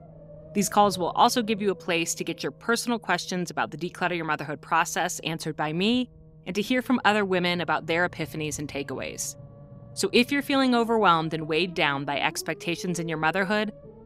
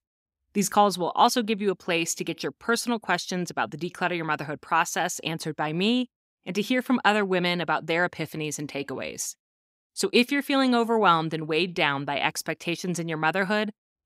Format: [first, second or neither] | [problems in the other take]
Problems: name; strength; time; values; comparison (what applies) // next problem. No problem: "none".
second | low rumble; faint; throughout; 25 dB below the speech